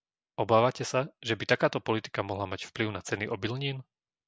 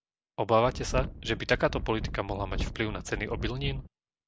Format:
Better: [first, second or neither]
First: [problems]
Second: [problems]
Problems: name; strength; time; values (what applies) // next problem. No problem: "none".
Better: first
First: none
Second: background sound (Wind); 5 dB below the speech